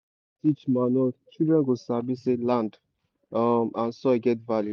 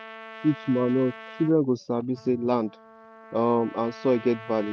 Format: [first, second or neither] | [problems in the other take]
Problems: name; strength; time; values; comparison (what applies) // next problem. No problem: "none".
first | background sound (Trumpet); 18 dB below the speech